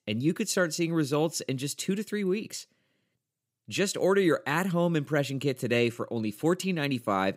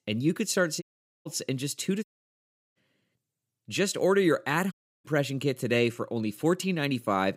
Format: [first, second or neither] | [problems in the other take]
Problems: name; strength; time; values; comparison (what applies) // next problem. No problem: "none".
first | audio cutting out; at 1 s, at 2 s for 0.5 s and at 4.5 s